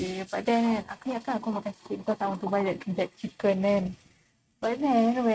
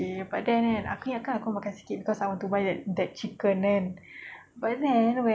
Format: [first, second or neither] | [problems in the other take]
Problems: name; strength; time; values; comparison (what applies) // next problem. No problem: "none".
second | noise reduction (neural mask model RNNoise)